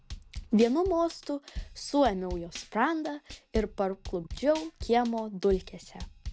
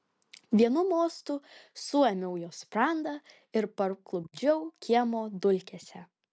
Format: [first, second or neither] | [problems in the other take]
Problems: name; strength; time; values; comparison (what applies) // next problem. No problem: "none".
second | background sound (Drum kit); 13 dB below the speech